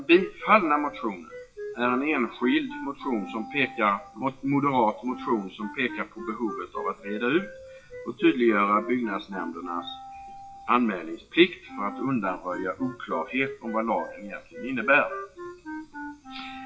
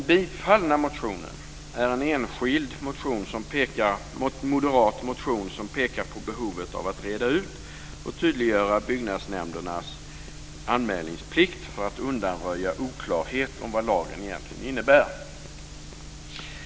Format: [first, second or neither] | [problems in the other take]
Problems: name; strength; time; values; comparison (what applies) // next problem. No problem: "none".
second | noise reduction (classical method WPE with log-MMSE)